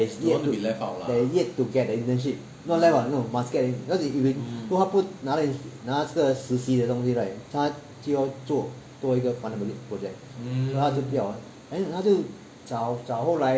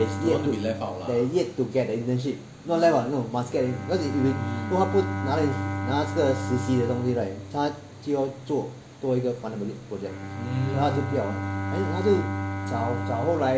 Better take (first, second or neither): first